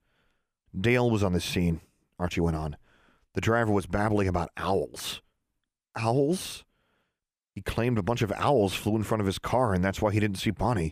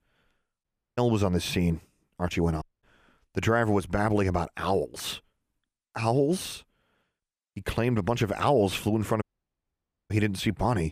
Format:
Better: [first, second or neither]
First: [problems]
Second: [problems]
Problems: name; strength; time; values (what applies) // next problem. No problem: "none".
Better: first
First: none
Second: audio cutting out; at 0.5 s, at 2.5 s and at 9 s for 1 s